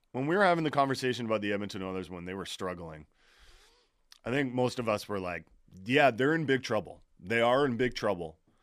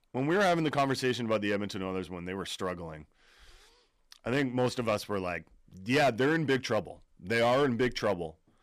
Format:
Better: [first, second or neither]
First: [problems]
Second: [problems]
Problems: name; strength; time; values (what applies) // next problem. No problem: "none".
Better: first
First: none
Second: distortion; slight; 4% of the sound clipped